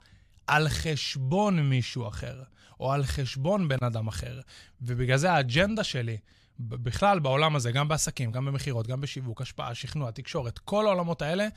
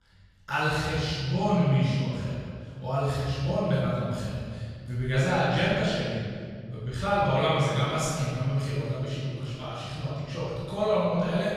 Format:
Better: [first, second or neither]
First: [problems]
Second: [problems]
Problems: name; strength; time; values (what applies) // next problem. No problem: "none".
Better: first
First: none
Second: off-mic speech; far // room echo; strong; dies away in 1.9 s